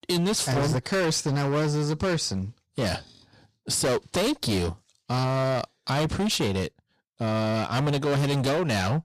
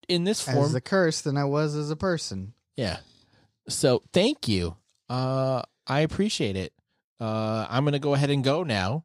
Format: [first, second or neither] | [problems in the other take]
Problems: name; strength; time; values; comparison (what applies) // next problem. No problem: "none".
second | distortion; heavy; 24% of the sound clipped